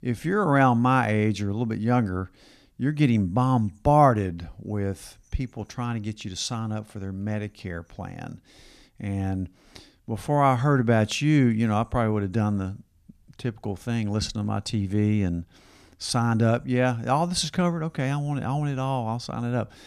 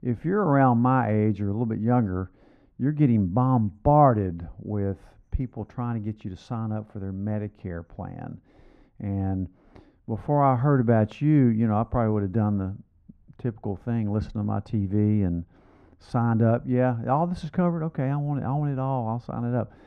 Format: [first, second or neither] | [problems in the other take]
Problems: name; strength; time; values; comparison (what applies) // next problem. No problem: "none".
first | muffled; very; fading above 2.5 kHz